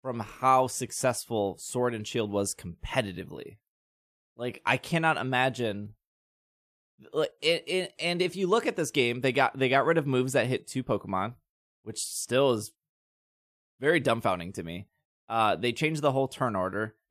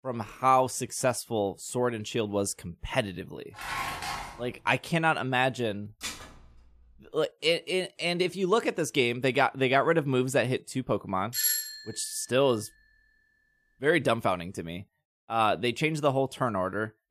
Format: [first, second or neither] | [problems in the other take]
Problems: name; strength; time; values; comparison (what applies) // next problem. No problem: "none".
first | clattering dishes; noticeable; at 3.5 s and at 6 s; peak 4 dB below the speech // doorbell; loud; at 11 s; peak 2 dB above the speech